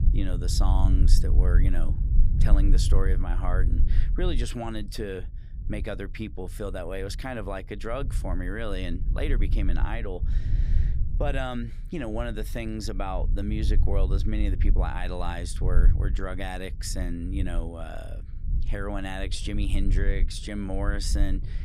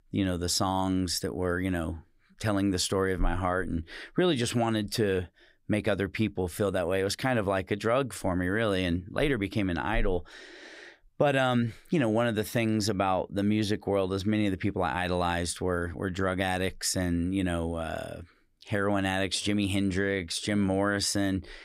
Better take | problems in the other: second | low rumble; noticeable; throughout; 10 dB below the speech

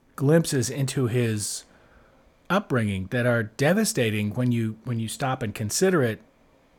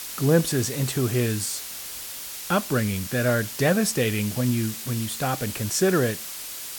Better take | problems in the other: first | hiss; loud; throughout; 8 dB below the speech

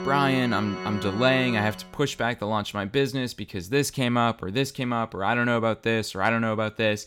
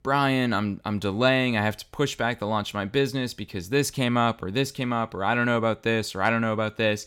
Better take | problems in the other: second | background music; loud; until 1.5 s; 8 dB below the speech

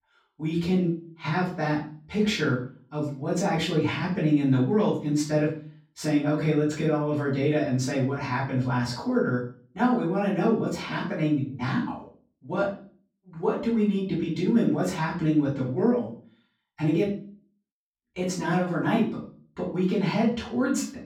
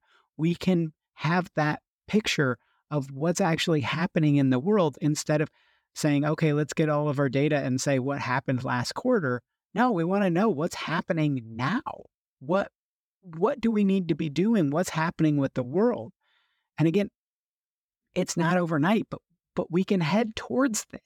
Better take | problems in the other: second | off-mic speech; far // room echo; noticeable; dies away in 0.4 s

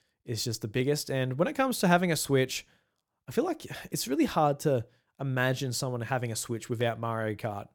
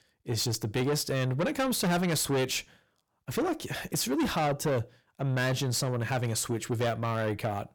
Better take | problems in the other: first | distortion; heavy; 6 dB below the speech

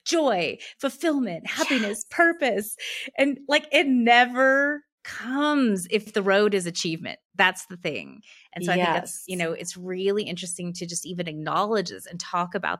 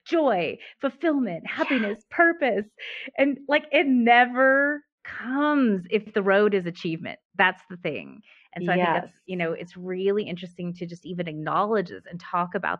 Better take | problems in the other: first | muffled; very; fading above 2.5 kHz

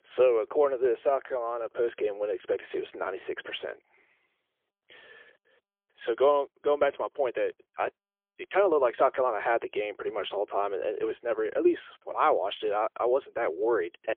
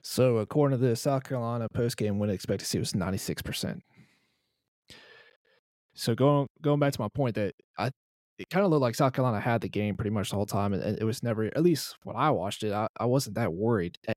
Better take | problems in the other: second | phone-call audio; poor line; nothing above 3.5 kHz

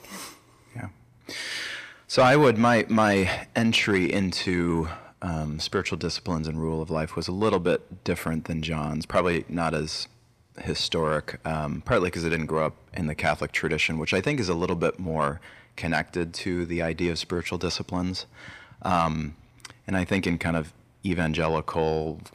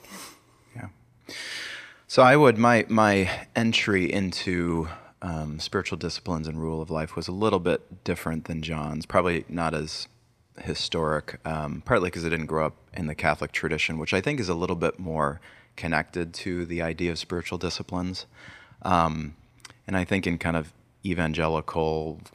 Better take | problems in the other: second | distortion; slight; 10 dB below the speech

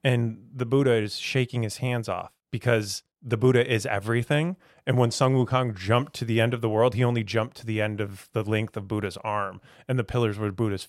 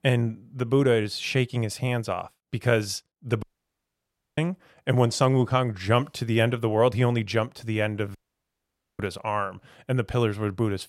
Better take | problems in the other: first | audio cutting out; at 3.5 s for 1 s and at 8 s for 1 s

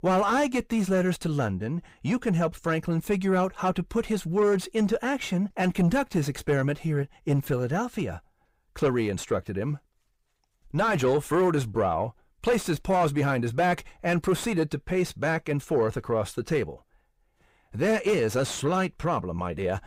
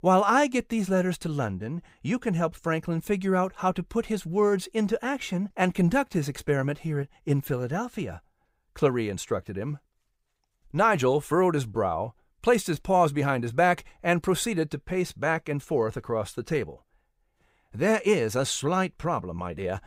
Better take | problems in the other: second | distortion; slight; 10 dB below the speech

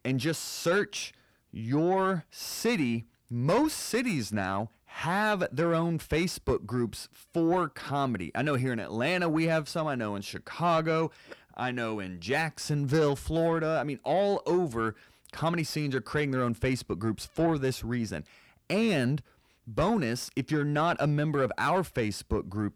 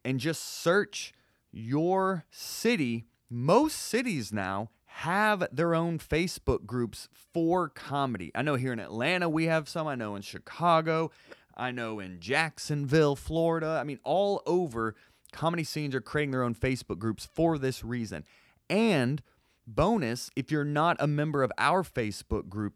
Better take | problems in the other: second | distortion; slight; 10 dB below the speech

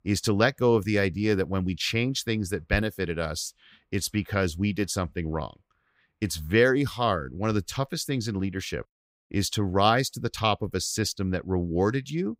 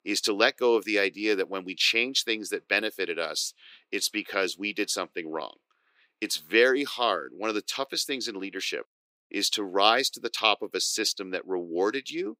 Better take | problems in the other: first | thin; somewhat; fading below 350 Hz

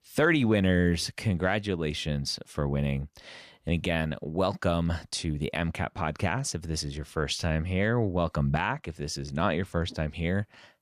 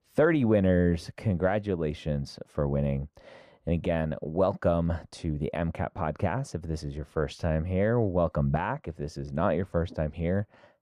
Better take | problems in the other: first | muffled; very; fading above 2 kHz

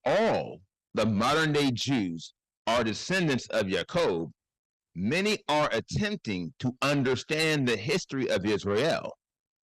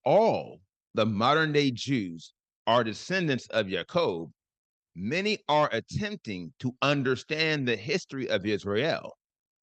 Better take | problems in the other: second | distortion; heavy; 7 dB below the speech

